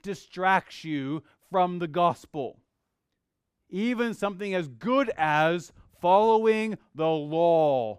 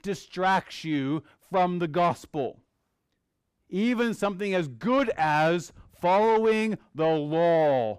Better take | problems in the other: first | distortion; slight; 10 dB below the speech

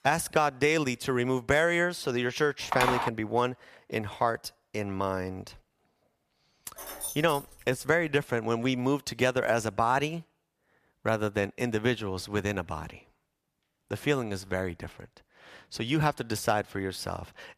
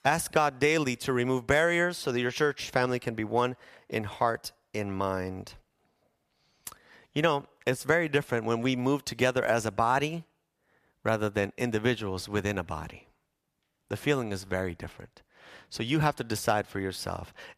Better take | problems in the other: second | phone ringing; loud; at 2.5 s; peak 1 dB above the speech // jangling keys; noticeable; at 7 s; peak 7 dB below the speech

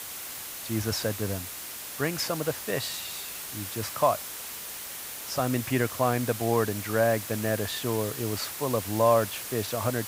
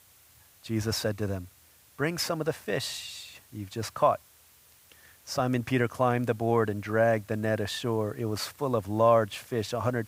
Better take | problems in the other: second | hiss; loud; throughout; 7 dB below the speech; faint in the second

